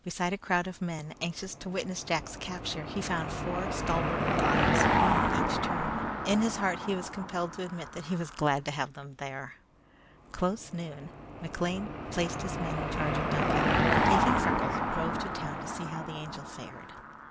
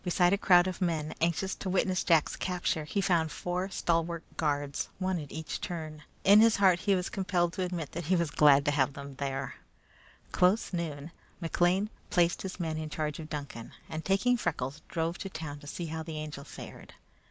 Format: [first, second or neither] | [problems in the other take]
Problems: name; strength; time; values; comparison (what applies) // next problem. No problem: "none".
second | background sound (Car passing by / Engine); 3 dB above the speech